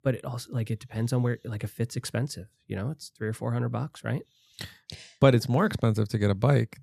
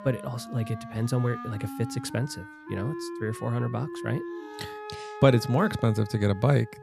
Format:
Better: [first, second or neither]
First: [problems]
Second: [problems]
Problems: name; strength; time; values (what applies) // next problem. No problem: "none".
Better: first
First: none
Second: background music; noticeable; throughout; 10 dB below the speech